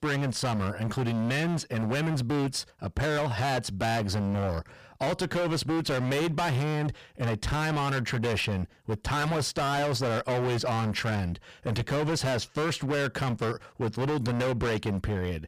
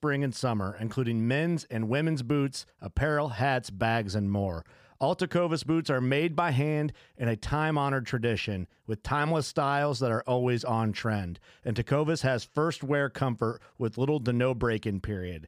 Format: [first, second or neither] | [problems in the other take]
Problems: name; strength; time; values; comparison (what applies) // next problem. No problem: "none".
second | distortion; heavy; 31% of the sound clipped